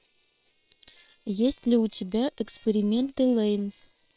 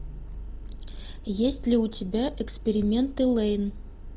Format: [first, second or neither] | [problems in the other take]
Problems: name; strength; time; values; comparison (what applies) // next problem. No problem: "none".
second | noise reduction (neural separator model SepFormer WHAM!)